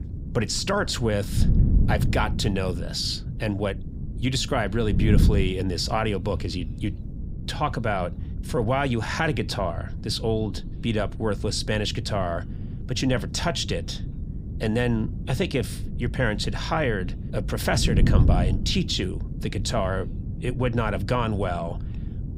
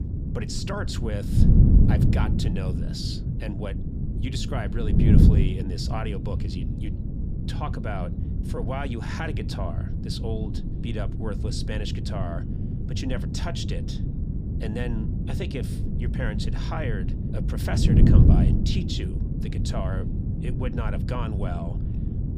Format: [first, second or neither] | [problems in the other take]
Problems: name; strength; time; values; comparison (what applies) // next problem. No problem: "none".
first | wind noise on the microphone; heavy; 1 dB below the speech; occasional gusts in the first